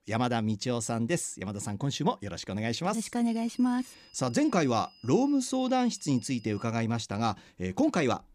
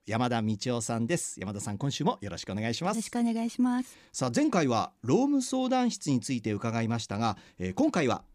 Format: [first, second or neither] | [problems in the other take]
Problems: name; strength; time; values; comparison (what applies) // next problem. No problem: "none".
second | high-pitched whine; faint; from 3.5 to 6.5 s; 5 kHz, 25 dB below the speech